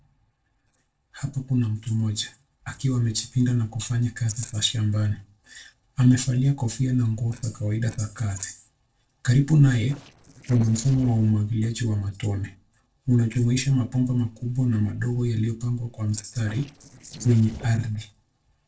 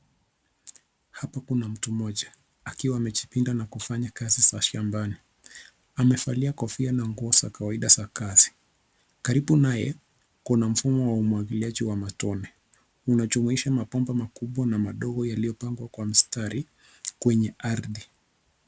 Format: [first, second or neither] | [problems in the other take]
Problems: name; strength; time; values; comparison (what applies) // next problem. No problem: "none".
second | noise reduction (neural separator model SepFormer DNS4)